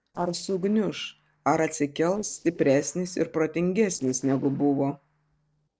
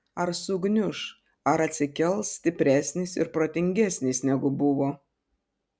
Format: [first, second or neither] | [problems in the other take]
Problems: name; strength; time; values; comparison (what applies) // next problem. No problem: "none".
second | noise reduction (neural separator model SepFormer DNS4)